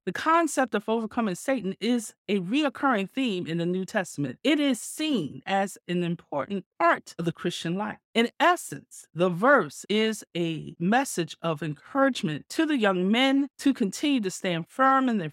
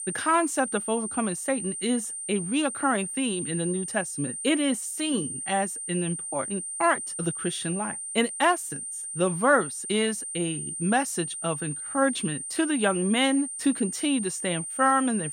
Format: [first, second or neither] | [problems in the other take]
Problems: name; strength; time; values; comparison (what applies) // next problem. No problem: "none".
first | high-pitched whine; loud; throughout; 9 kHz, 5 dB below the speech